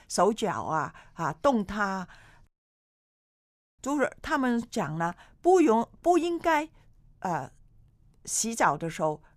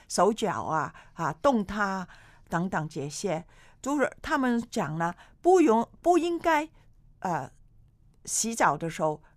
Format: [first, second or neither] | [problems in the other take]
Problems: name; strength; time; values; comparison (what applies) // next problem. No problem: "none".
second | audio cutting out; at 2.5 s for 1.5 s